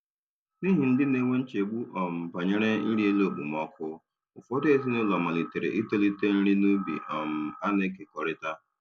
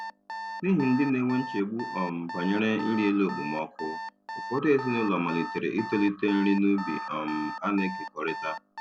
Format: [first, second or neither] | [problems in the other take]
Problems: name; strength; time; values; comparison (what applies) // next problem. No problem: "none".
first | background sound (Alarm); 10 dB below the speech